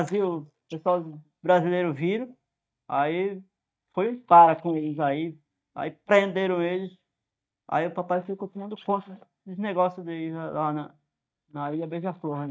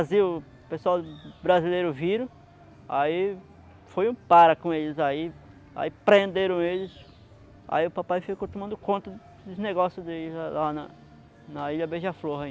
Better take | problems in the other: second | noise reduction (neural mask model DeepFilterNet 3)

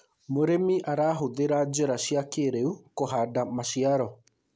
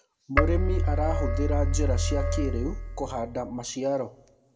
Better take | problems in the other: first | background sound (Keyboard (musical)); 5 dB above the speech // room echo; dies away in 0.4 s

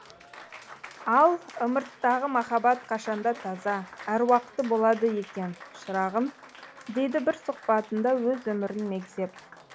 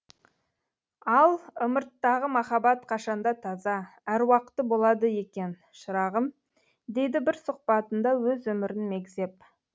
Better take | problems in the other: second | background sound (Applause); 19 dB below the speech

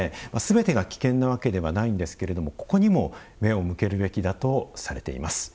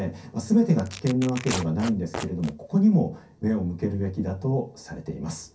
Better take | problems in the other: first | background sound (Tearing); 13 dB below the speech // room echo; dies away in 0.3 s

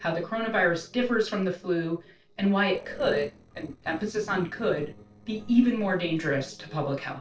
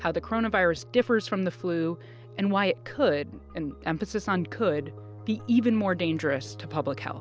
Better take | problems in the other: second | noise reduction (neural separator model SepFormer DNS4)

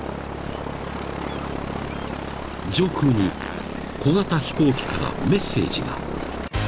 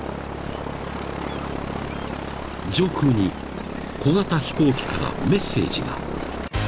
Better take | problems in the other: second | background sound (Fart); 18 dB below the speech

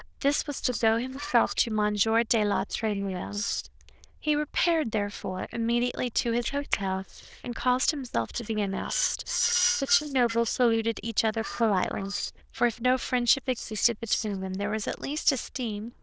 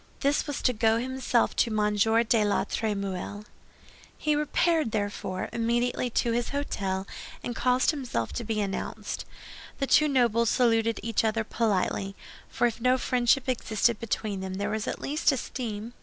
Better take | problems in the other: second | noise reduction (neural diffusion model UNIVERSE++)

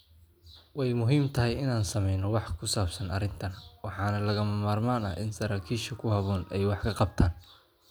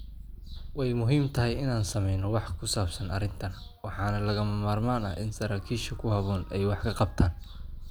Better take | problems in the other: first | background sound (Purr); 11 dB below the speech

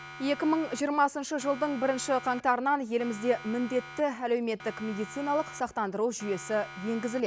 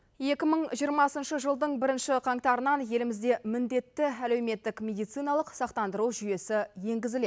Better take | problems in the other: second | background sound (Siren); 16 dB below the speech

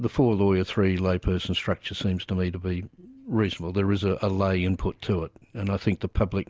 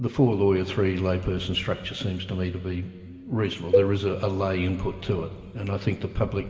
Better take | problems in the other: first | background sound (Cowbell); 2 dB below the speech // room echo; dies away in 2.3 s

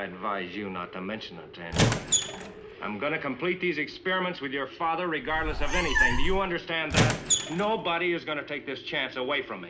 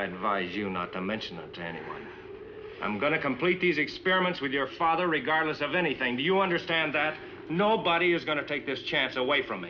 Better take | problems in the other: second | background sound (Meow + Squeak); 4 dB above the speech

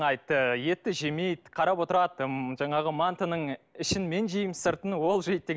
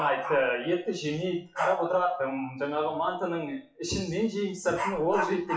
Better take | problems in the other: first | noise reduction (classical method WPE with log-MMSE)

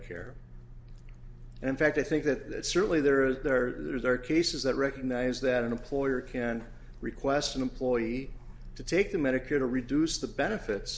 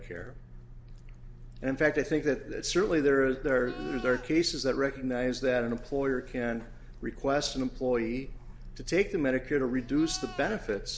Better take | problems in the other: first | background sound (Livestock, farm animals, working animals); 18 dB below the speech

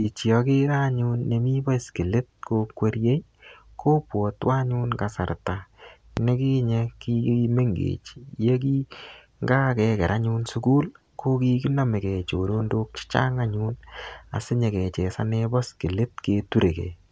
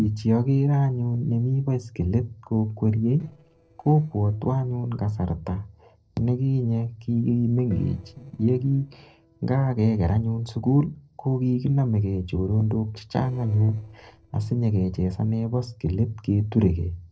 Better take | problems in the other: first | noise reduction (neural separator model SepFormer DNS4)

